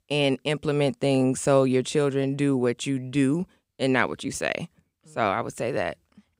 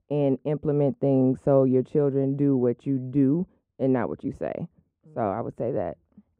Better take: first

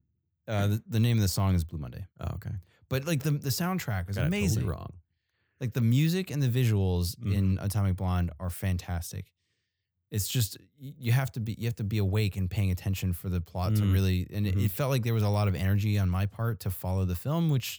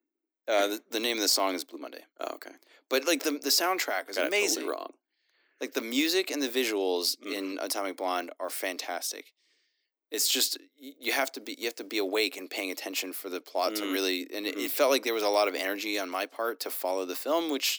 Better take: first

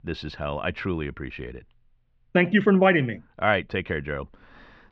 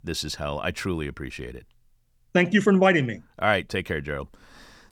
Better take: second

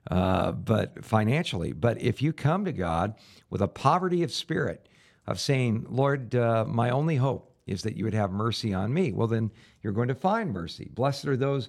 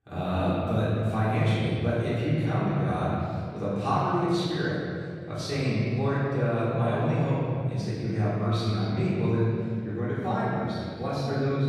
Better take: first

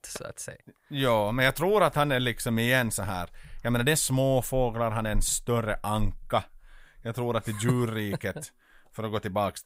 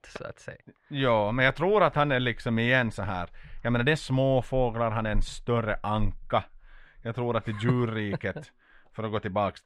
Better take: first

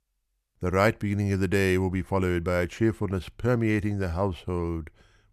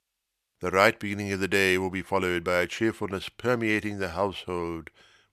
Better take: first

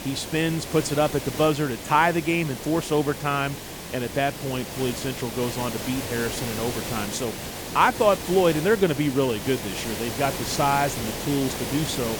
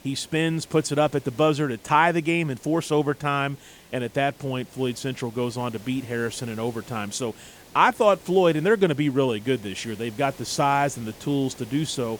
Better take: second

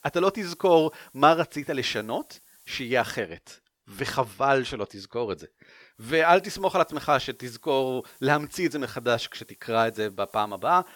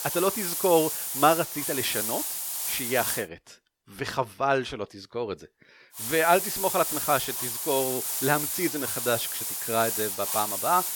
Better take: first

